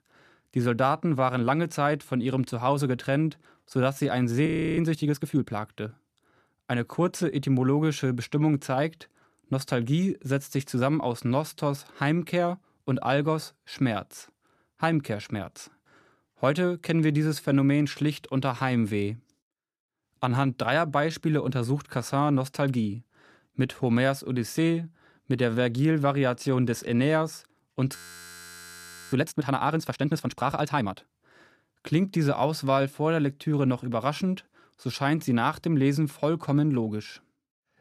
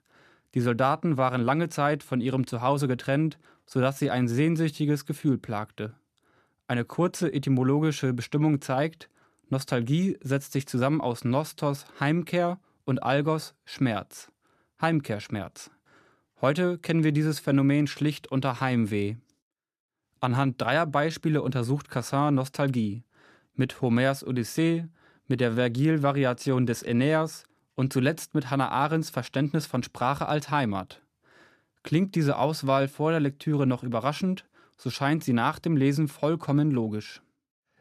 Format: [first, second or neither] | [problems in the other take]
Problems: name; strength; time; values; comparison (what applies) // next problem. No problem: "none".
second | audio freezing; at 4.5 s and at 28 s for 1 s